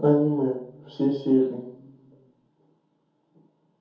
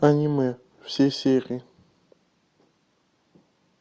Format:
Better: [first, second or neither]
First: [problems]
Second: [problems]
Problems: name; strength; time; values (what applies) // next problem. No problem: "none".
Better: second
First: room echo; dies away in 0.6 s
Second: none